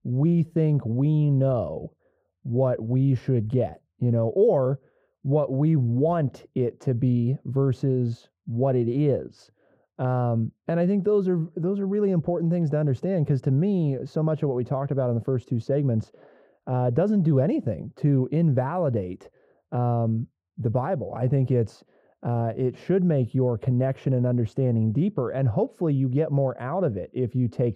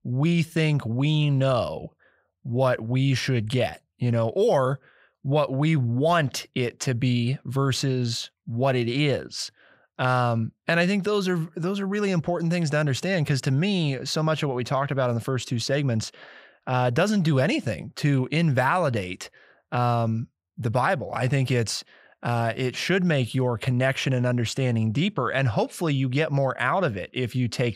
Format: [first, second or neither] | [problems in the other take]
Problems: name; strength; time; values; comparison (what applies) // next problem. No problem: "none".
second | muffled; very; fading above 1 kHz